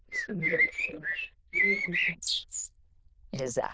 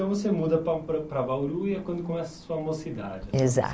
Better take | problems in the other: second | noise reduction (neural diffusion model UNIVERSE++)

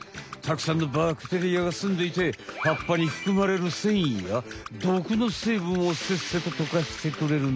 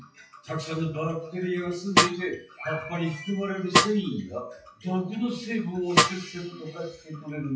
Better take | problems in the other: first | noise reduction (classical method WPE with log-MMSE)

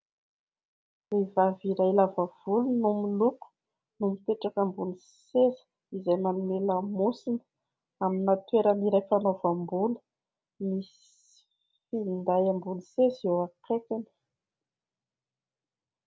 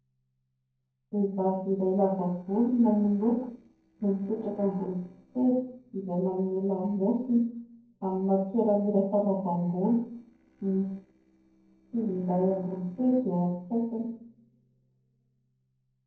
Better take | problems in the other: first | noise reduction (neural separator model SepFormer DNS4)

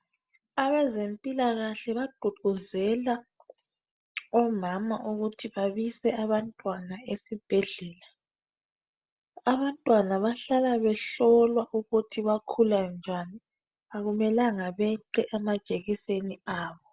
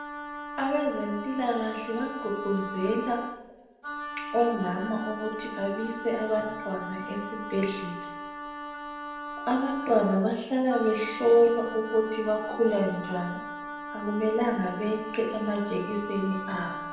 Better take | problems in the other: first | background sound (Wind instrument, woodwind instrument); 9 dB below the speech // room echo; dies away in 0.9 s

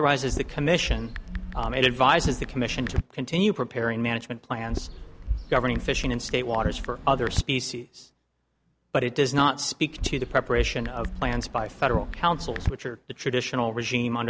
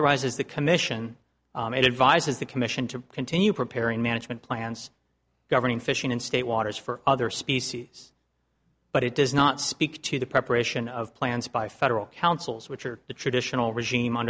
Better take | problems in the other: second | background sound (Chatter / Chirp, tweet / Car passing by / Typing); 6 dB below the speech

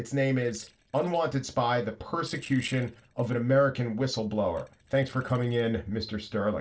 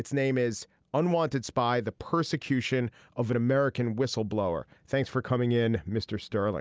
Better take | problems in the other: second | noise reduction (neural separator model SepFormer DNS4)

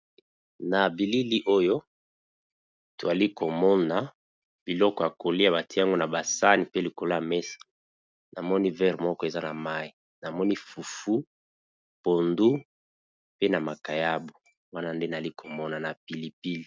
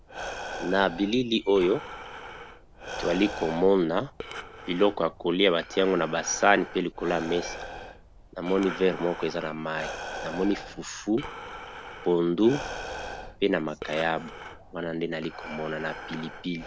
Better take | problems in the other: first | background sound (Breathing); 12 dB below the speech

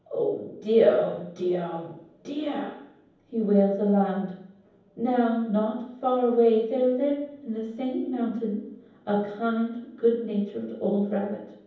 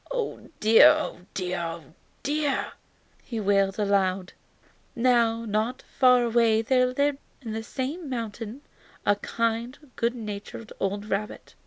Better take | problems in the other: second | room echo; dies away in 0.9 s

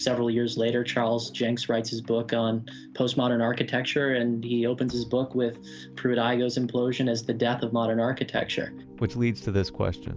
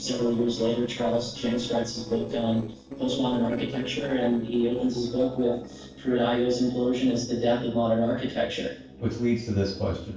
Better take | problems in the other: first | noise reduction (neural separator model SepFormer DNS4)

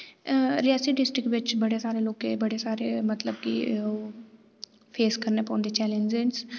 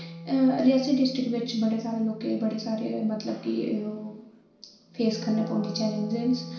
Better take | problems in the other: first | background sound (Wind instrument, woodwind instrument); 14 dB below the speech // room echo; dies away in 0.6 s

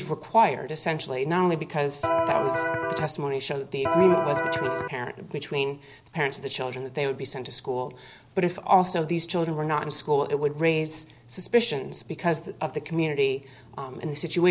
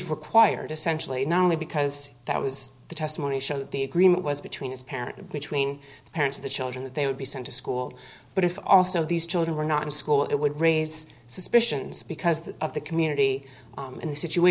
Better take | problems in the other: second | background sound (Electric guitar); 1 dB above the speech

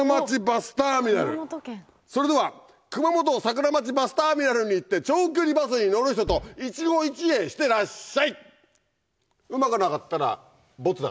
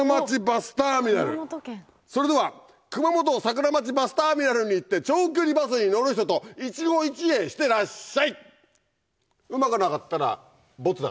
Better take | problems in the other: second | background sound (Bass drum); 15 dB below the speech

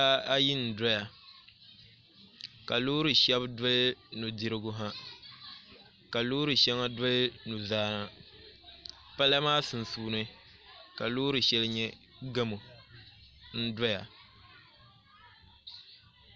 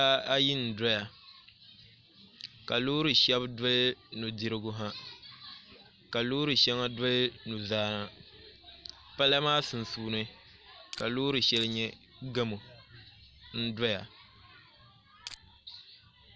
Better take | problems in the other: first | background sound (Crushing); 15 dB below the speech

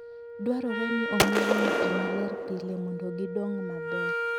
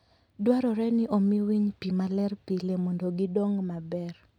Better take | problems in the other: second | background sound (Gunshot, gunfire + Wind instrument, woodwind instrument); 2 dB above the speech

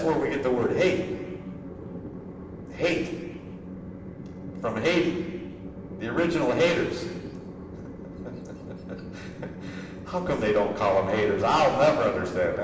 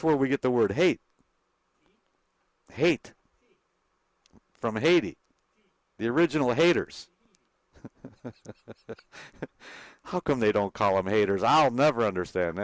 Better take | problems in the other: second | background sound (Train); 11 dB below the speech // room echo; dies away in 1.3 s

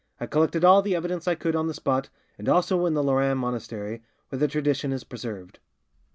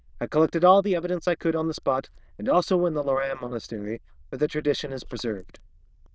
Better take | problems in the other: first | noise reduction (neural diffusion model UNIVERSE++)

